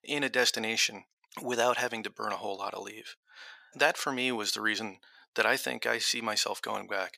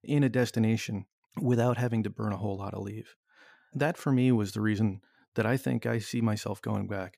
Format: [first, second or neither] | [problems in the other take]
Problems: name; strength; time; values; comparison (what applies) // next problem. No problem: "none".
second | thin; very; fading below 650 Hz